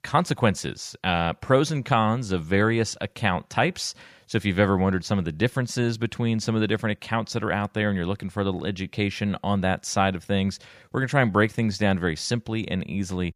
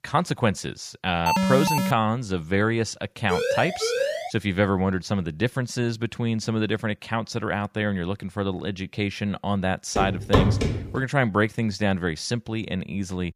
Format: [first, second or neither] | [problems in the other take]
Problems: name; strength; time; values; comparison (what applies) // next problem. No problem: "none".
first | alarm; loud; at 1.5 s; peak 4 dB above the speech // siren; loud; from 3.5 to 4.5 s; peak level with the speech // footsteps; loud; at 10 s; peak 5 dB above the speech